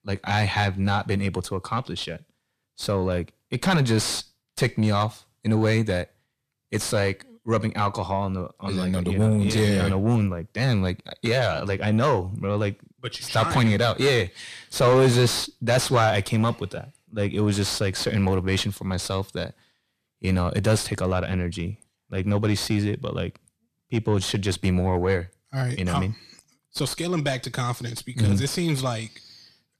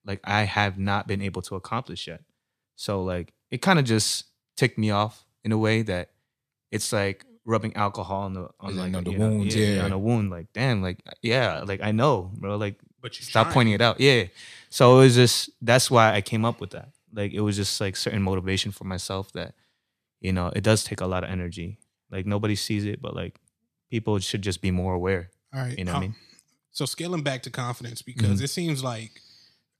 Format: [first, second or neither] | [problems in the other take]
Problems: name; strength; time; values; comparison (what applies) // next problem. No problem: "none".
second | distortion; heavy; 6 dB below the speech